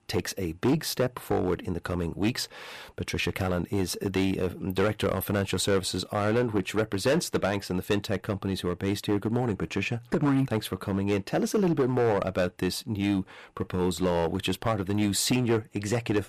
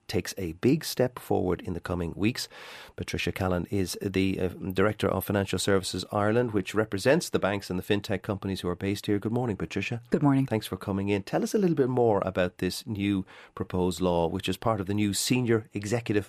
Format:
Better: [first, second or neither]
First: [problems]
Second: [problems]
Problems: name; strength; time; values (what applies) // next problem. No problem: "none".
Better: second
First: distortion; slight; 6% of the sound clipped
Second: none